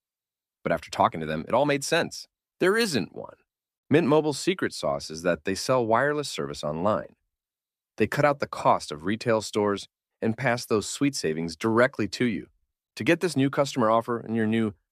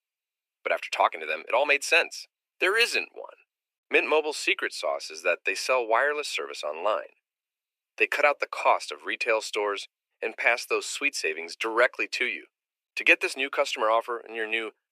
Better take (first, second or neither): first